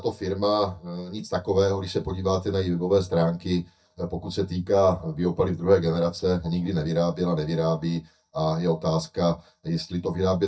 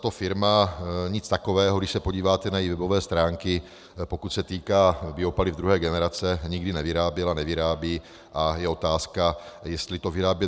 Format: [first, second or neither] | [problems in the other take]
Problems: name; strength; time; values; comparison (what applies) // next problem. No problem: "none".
second | noise reduction (neural mask model DeepFilterNet 3)